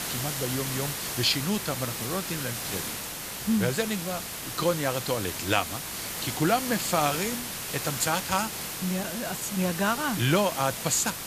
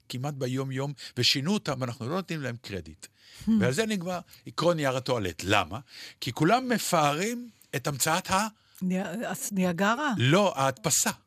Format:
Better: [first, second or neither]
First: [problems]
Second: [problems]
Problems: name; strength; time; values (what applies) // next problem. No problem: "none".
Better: second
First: hiss; loud; throughout; 4 dB below the speech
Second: none